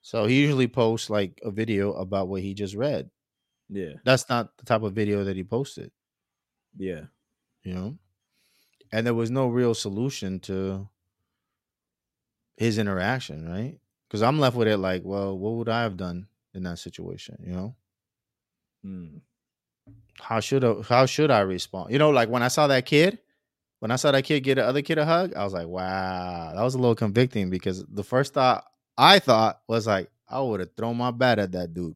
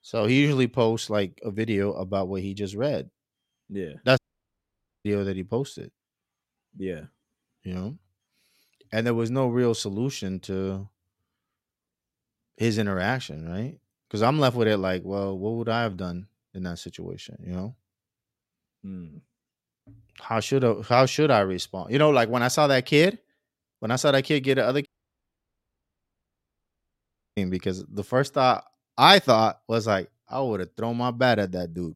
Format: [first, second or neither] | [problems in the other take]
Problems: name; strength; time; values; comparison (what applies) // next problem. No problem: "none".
first | audio cutting out; at 4 s for 1 s and at 25 s for 2.5 s